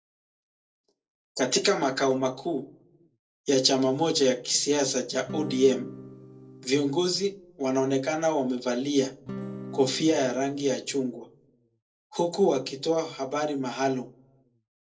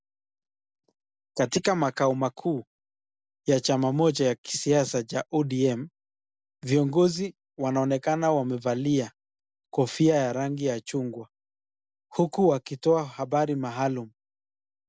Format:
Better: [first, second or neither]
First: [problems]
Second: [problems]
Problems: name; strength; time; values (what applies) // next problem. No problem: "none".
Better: second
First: noise reduction (neural separator model SepFormer DNS4)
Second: none